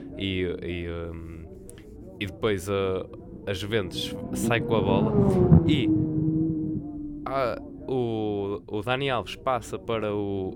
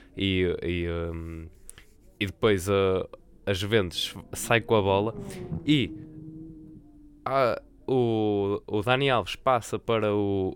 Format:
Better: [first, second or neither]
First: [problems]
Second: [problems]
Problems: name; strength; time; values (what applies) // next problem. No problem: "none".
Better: second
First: low rumble; loud; throughout; 1 dB below the speech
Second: low rumble; faint; throughout; 20 dB below the speech